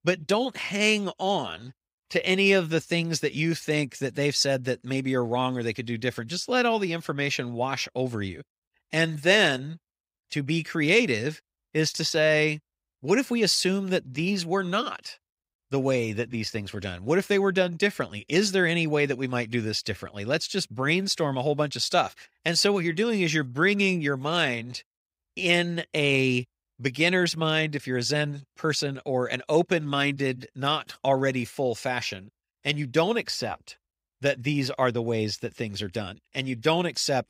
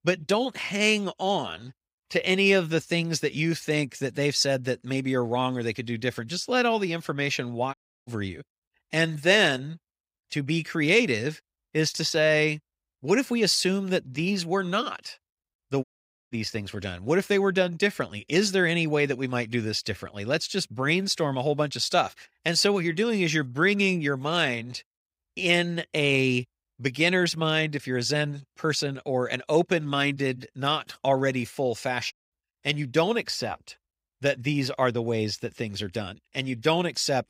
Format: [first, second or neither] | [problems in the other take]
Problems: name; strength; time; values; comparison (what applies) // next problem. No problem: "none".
first | audio cutting out; at 7.5 s, at 16 s and at 32 s